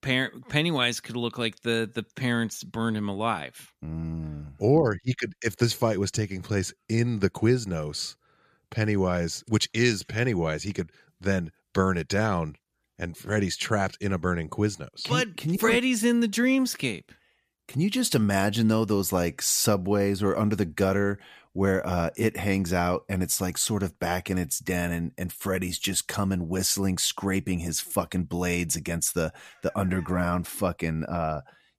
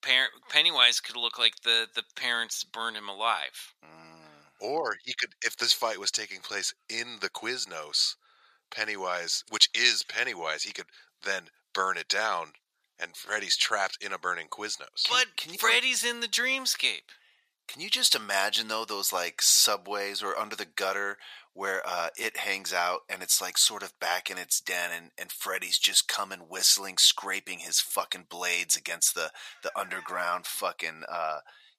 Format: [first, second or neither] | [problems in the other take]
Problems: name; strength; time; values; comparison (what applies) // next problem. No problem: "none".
first | thin; very; fading below 900 Hz